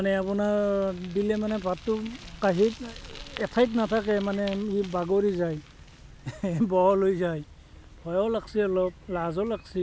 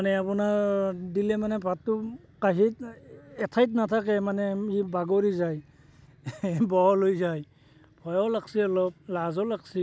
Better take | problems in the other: second | background sound (Bicycle); 19 dB below the speech

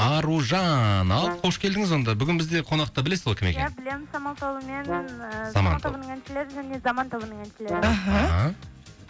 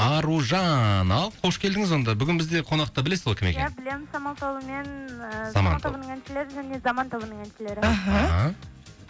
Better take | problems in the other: second | background sound (Brass instrument); 10 dB below the speech

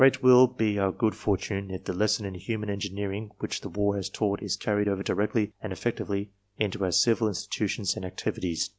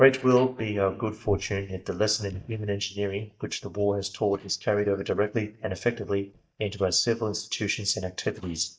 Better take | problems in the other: first | noise reduction (neural mask model DeepFilterNet 3)

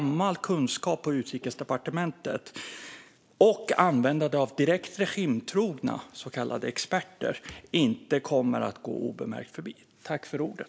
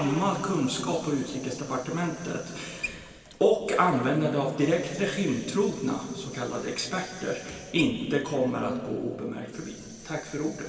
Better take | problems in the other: first | background sound (Sink (filling or washing) / Water tap, faucet); 18 dB below the speech // room echo; dies away in 2.5 s

